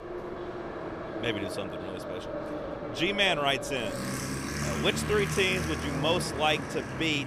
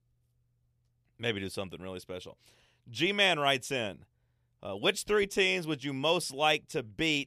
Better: second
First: train or aircraft noise; loud; throughout; 6 dB below the speech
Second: none

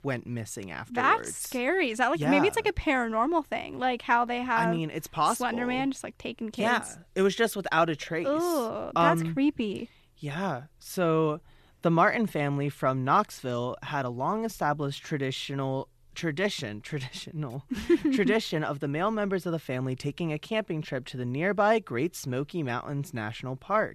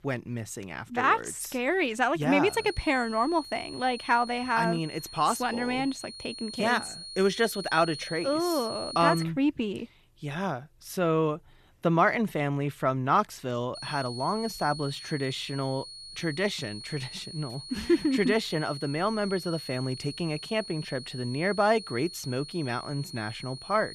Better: first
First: none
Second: high-pitched whine; noticeable; from 2.5 to 9 s and from 14 s on; 4.5 kHz, 10 dB below the speech

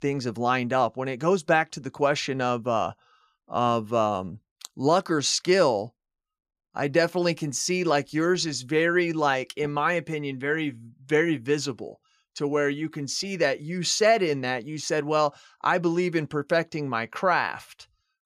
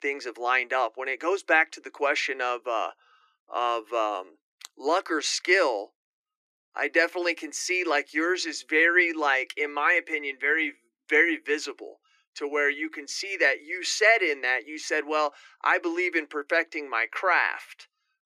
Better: first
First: none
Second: thin; very; fading below 300 Hz

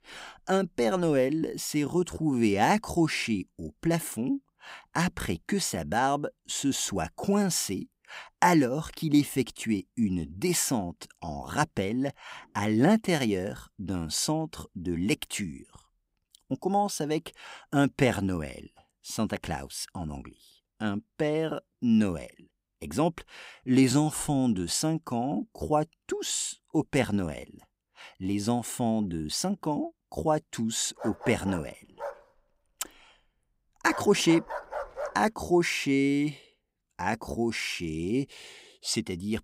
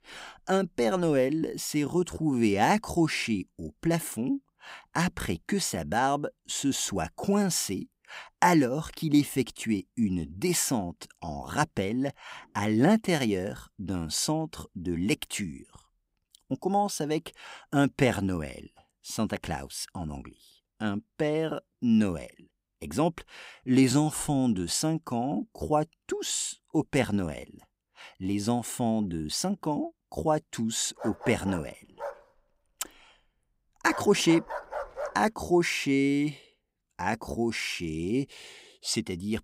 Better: neither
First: dog barking; noticeable; from 31 to 35 s; peak 7 dB below the speech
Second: dog barking; noticeable; from 31 to 35 s; peak 7 dB below the speech

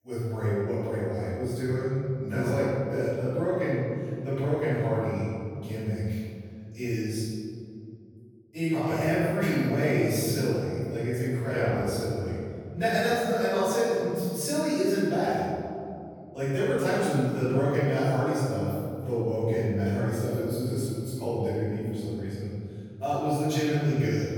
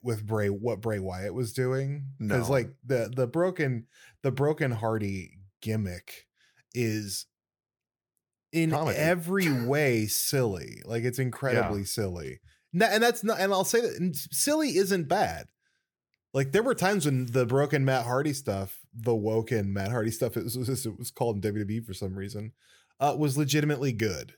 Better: second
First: off-mic speech; far // room echo; strong; dies away in 2.7 s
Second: none

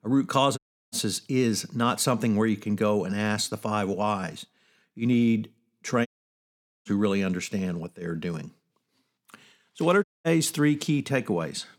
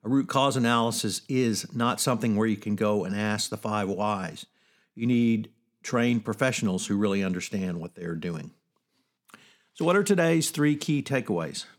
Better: second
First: audio cutting out; at 0.5 s, at 6 s for 1 s and at 10 s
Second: none

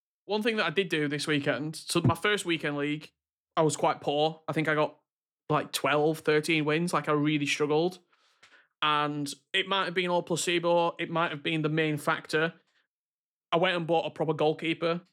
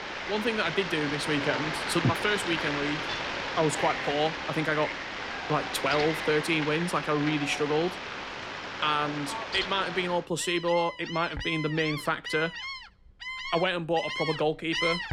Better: first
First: none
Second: animal sounds; loud; throughout; 4 dB below the speech

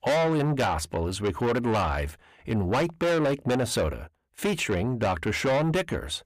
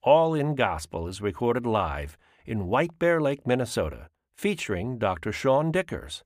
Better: second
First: distortion; heavy; 6 dB below the speech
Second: none

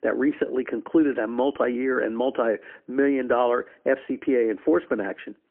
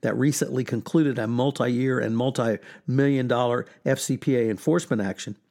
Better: second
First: phone-call audio; poor line; nothing above 3 kHz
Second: none

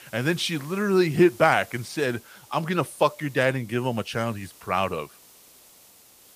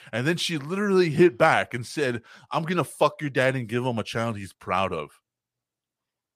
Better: second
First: hiss; faint; throughout; 25 dB below the speech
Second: none

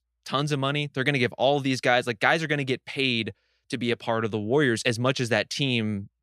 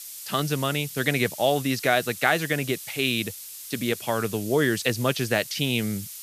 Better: first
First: none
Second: hiss; noticeable; throughout; 10 dB below the speech

